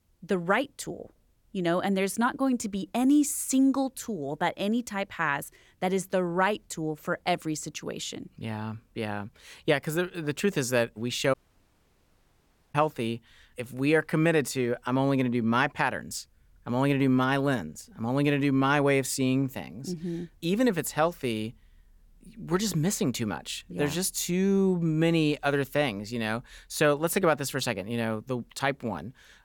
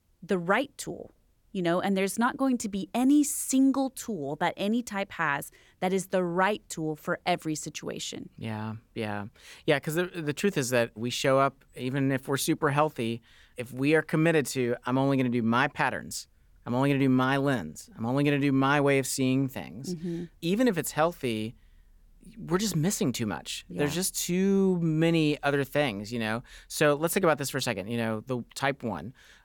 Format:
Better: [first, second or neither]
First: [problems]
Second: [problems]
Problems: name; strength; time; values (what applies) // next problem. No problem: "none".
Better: second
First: audio cutting out; at 11 s for 1.5 s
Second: none